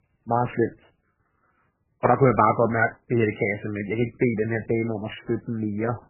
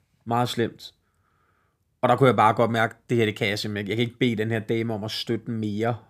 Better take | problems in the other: second | garbled, watery; badly; nothing above 3 kHz

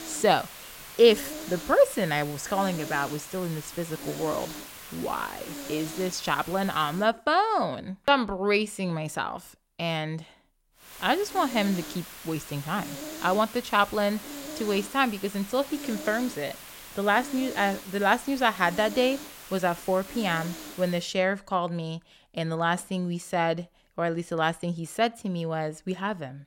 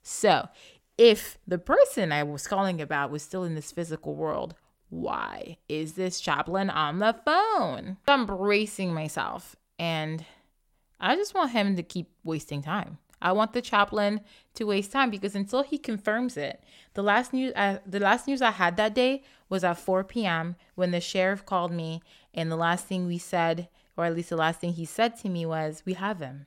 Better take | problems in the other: second | hiss; noticeable; until 7 s and from 11 to 21 s; 10 dB below the speech

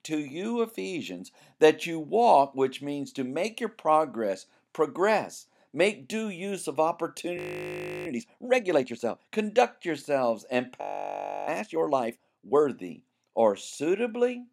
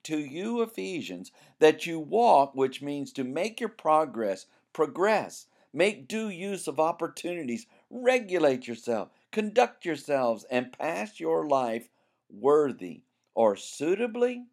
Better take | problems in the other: second | audio freezing; at 7.5 s for 0.5 s and at 11 s for 0.5 s

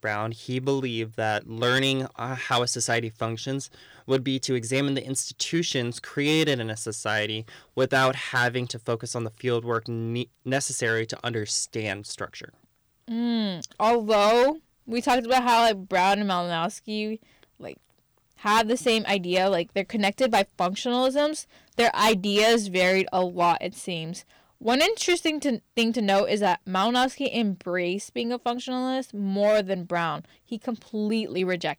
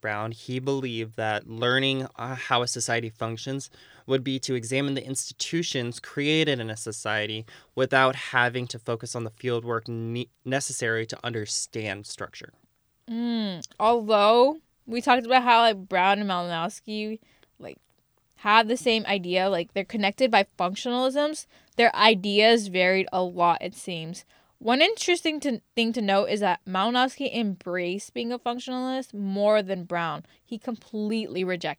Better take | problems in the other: second | distortion; slight; 4% of the sound clipped

